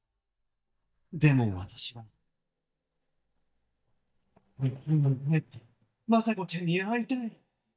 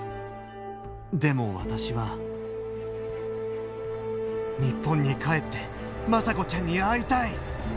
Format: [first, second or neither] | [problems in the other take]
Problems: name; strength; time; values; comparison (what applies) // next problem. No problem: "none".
second | noise reduction (neural mask model DeepFilterNet 3)